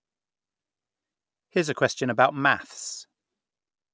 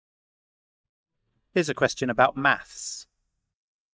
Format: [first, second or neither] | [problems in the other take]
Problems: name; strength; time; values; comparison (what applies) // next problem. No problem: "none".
first | noise reduction (neural mask model DeepFilterNet 3)